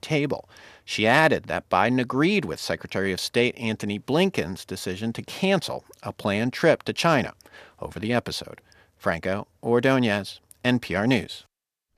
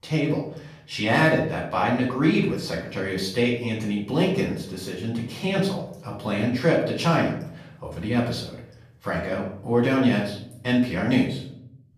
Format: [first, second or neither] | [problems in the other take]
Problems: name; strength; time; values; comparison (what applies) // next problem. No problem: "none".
first | off-mic speech; far // room echo; noticeable; dies away in 0.7 s